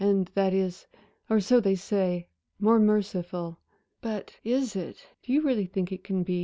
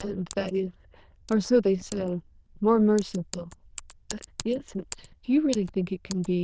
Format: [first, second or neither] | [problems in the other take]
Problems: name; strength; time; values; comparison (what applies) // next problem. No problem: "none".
first | noise reduction (neural diffusion model UNIVERSE++)